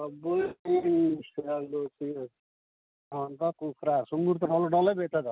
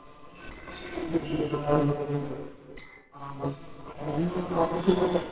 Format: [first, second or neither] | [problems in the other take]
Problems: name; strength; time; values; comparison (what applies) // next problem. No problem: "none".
first | noise reduction (neural separator model SepFormer WHAMR!)